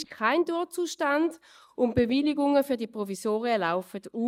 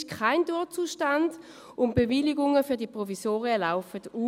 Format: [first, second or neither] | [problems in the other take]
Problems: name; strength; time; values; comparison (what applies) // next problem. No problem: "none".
second | noise reduction (neural mask model DeepFilterNet 3)